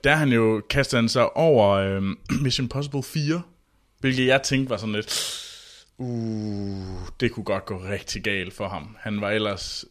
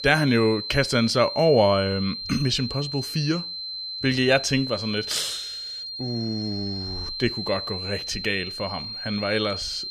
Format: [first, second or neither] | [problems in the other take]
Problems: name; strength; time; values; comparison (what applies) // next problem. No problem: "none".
first | high-pitched whine; loud; throughout; 4 kHz, 6 dB below the speech